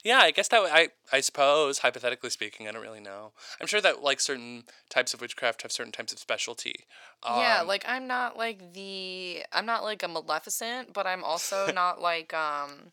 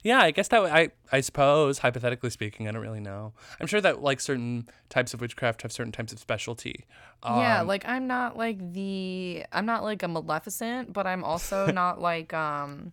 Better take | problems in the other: second | thin; somewhat; fading below 450 Hz

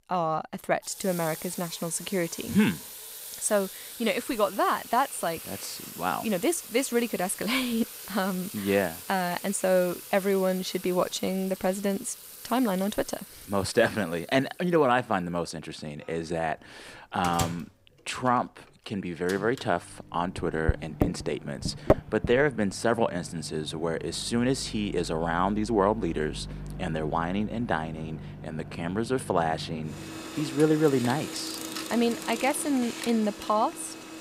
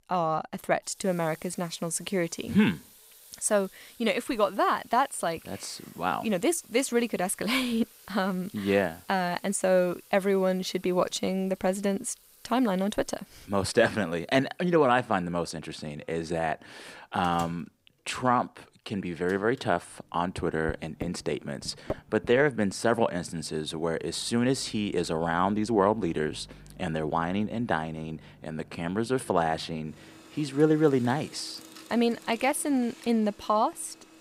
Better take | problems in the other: second | household noises; loud; throughout; 10 dB below the speech; faint in the second

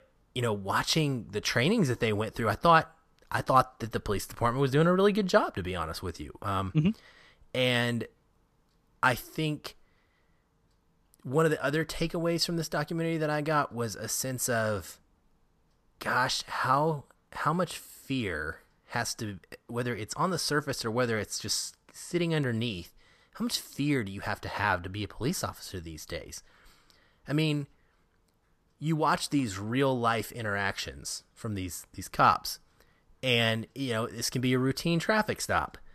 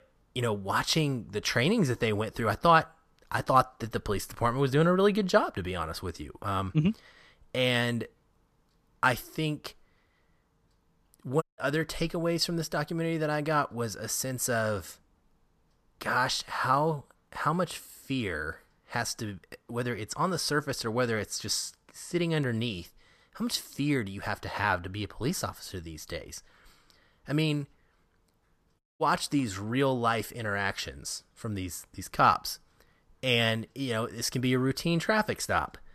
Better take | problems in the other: first | audio cutting out; at 11 s and at 29 s

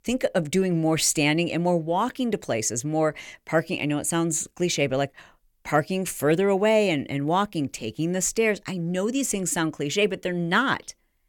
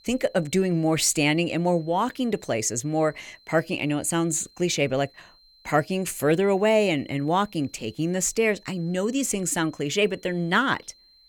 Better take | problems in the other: first | high-pitched whine; faint; throughout; 4 kHz, 30 dB below the speech

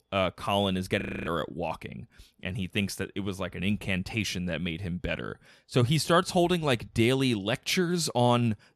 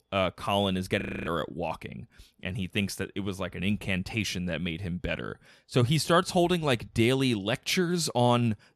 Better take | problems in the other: neither | audio freezing; at 1 s; the same in both

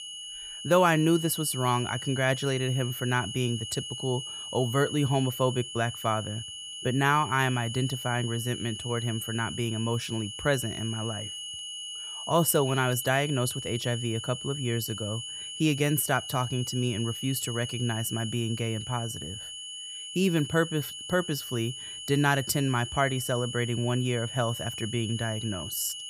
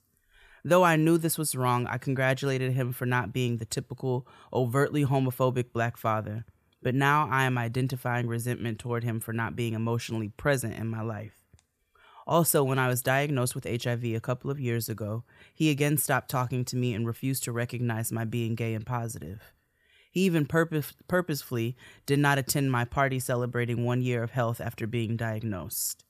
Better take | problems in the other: second | high-pitched whine; loud; throughout; 3 kHz, 8 dB below the speech

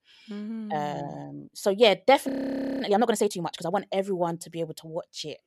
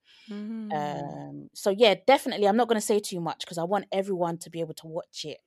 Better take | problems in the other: second | audio freezing; at 2.5 s for 0.5 s

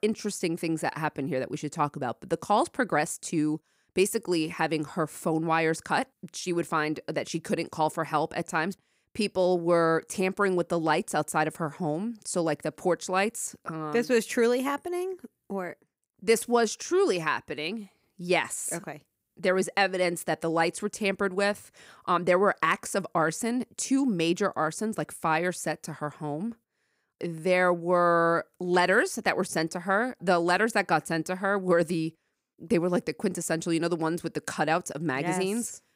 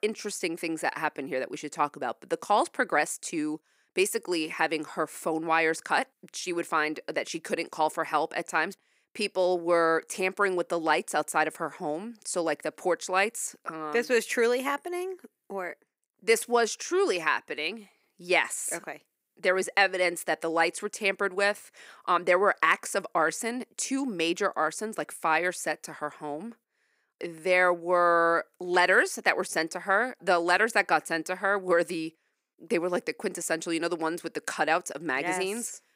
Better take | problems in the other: first | thin; somewhat; fading below 350 Hz

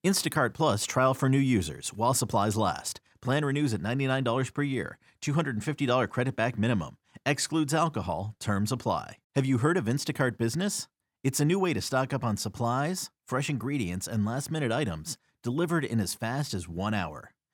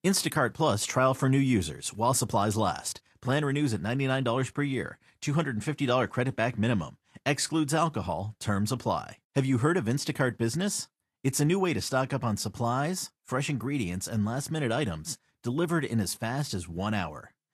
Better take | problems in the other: first | garbled, watery; slightly; nothing above 12.5 kHz

